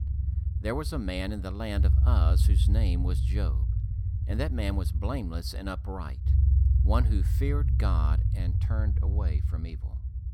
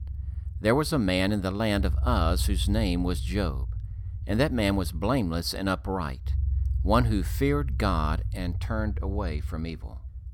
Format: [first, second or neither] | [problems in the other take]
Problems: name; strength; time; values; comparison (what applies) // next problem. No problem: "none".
second | low rumble; loud; throughout; 7 dB below the speech; faint in the second